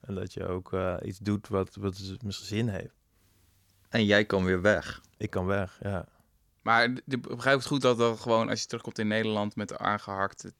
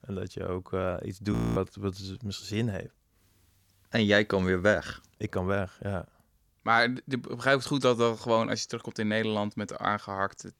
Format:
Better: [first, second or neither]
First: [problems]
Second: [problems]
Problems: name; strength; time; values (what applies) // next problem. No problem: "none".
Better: first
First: none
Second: audio freezing; at 1.5 s